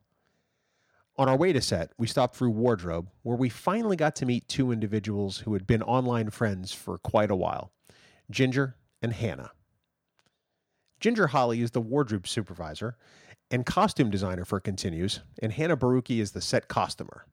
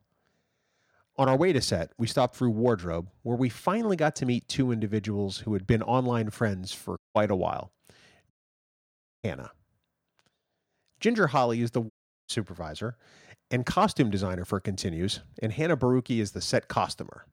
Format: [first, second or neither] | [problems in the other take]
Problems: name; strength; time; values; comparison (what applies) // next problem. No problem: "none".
first | audio cutting out; at 7 s, at 8.5 s for 1 s and at 12 s